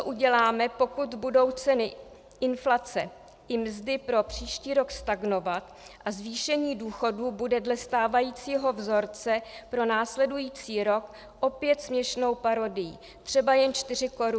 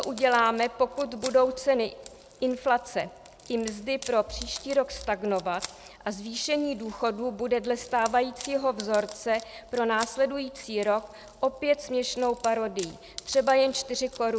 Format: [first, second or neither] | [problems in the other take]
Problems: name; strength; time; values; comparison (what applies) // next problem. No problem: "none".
first | background sound (Wood); 19 dB below the speech